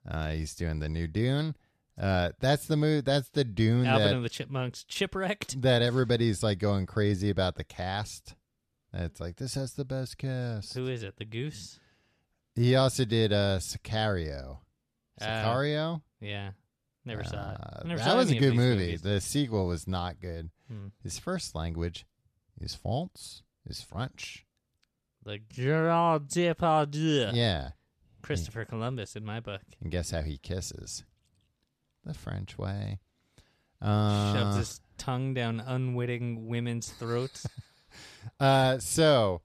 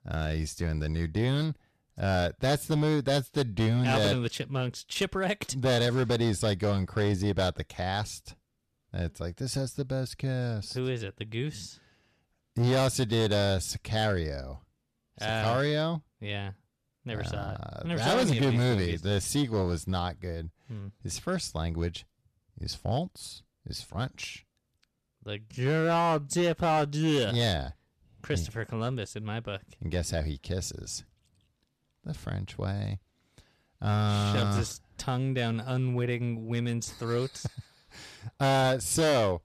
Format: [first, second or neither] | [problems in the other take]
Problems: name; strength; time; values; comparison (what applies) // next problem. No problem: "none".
first | distortion; slight; 6% of the sound clipped